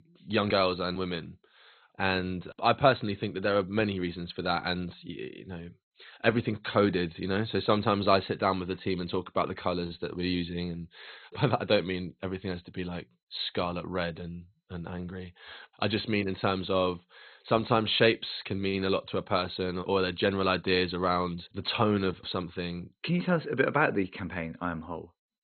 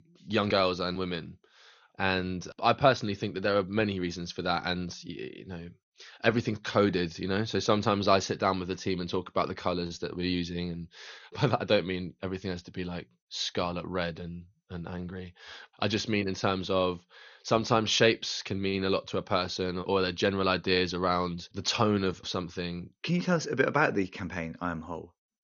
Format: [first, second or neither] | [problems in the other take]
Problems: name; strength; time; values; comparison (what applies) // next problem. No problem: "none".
second | garbled, watery; badly; nothing above 4 kHz; slightly in the second